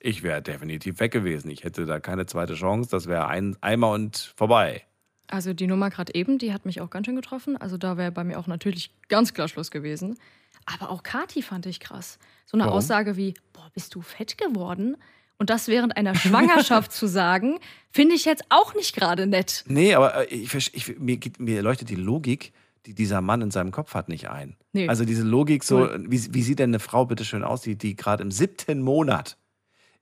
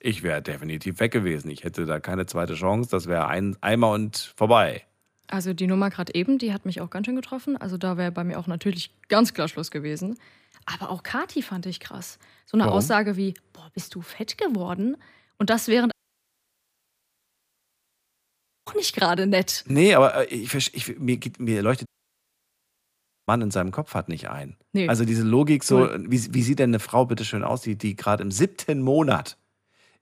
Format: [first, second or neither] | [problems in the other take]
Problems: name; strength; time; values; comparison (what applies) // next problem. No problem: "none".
first | audio cutting out; at 16 s for 2.5 s and at 22 s for 1.5 s